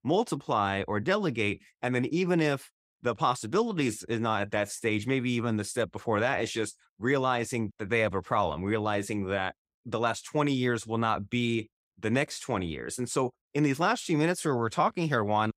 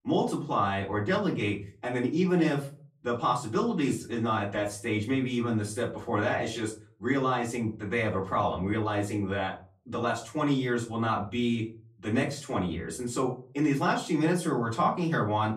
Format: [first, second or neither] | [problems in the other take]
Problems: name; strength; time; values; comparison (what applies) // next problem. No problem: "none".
first | off-mic speech; far // room echo; very slight; dies away in 0.4 s